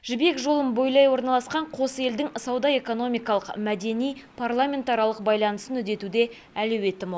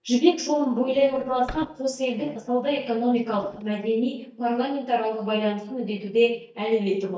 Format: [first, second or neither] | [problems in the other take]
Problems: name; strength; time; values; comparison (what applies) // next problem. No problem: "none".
first | noise reduction (neural mask model DeepFilterNet 3)